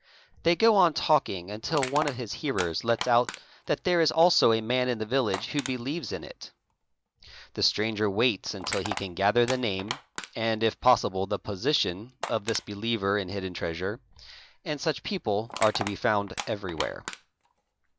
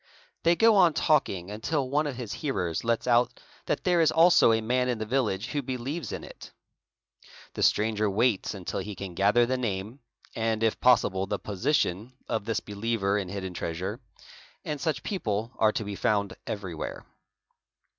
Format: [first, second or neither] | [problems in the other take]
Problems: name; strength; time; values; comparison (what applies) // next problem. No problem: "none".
second | background sound (Crushing); 14 dB below the speech